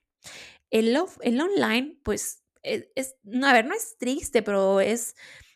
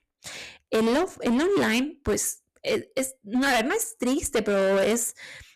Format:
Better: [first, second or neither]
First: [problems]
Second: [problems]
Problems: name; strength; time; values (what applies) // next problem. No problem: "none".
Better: first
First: none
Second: distortion; heavy; 15% of the sound clipped